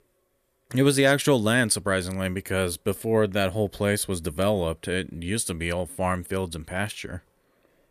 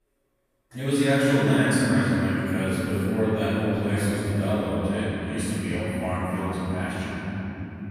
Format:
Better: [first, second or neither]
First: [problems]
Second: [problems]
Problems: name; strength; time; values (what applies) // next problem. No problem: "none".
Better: first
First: none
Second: off-mic speech; far // room echo; strong; dies away in 3 s